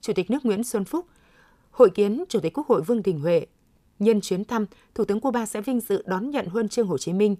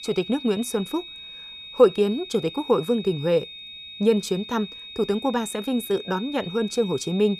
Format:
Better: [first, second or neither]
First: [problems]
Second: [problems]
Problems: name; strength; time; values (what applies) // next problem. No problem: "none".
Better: first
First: none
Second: high-pitched whine; noticeable; throughout; 3.5 kHz, 15 dB below the speech